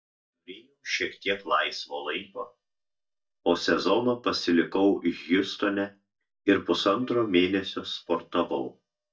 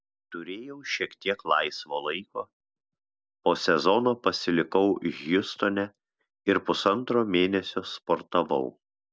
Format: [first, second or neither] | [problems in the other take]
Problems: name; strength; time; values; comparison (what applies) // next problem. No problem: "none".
second | noise reduction (neural mask model DeepFilterNet 3)